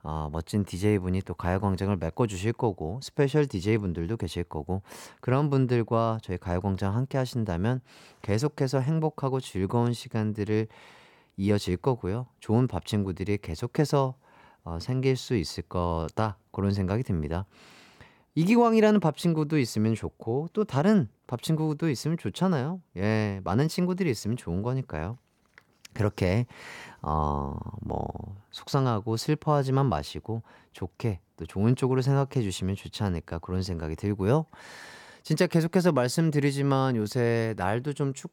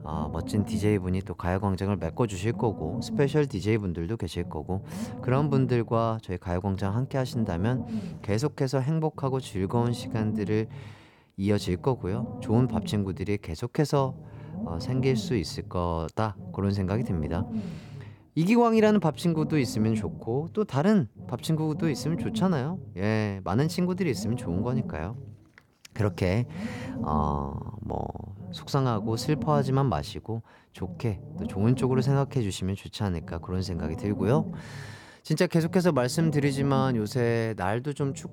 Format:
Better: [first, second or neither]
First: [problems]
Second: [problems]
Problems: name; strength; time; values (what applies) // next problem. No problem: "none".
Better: first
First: none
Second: low rumble; noticeable; throughout; 10 dB below the speech